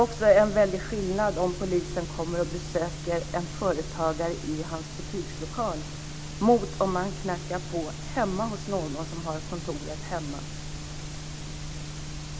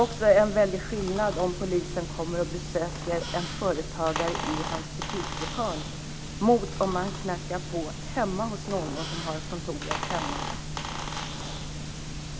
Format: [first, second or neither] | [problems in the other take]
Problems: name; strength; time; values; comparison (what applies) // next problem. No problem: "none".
first | background sound (Squeak); 10 dB below the speech